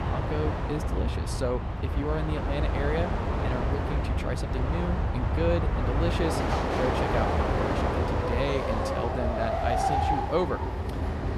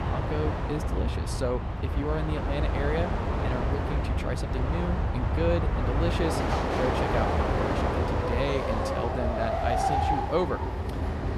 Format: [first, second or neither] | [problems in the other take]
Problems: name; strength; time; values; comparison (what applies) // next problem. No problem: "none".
neither | train or aircraft noise; very loud; throughout; 4 dB above the speech; the same in both